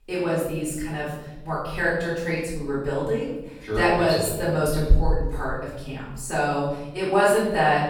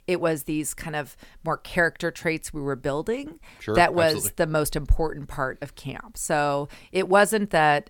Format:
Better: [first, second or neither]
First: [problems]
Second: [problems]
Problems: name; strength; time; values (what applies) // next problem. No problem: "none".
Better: second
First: off-mic speech; far // room echo; noticeable; dies away in 0.9 s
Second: none